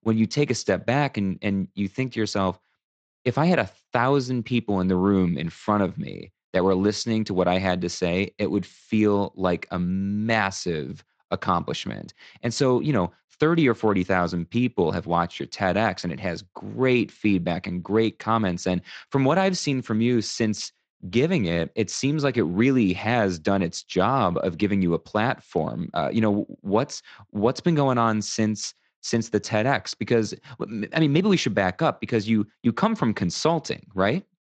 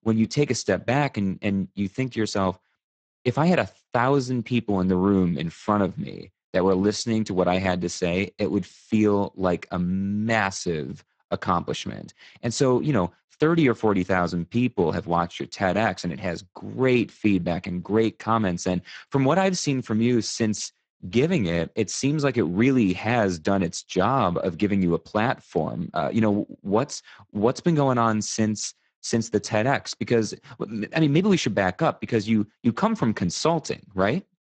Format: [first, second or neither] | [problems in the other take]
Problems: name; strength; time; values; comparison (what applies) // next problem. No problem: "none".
first | garbled, watery; badly; nothing above 8 kHz; slightly in the first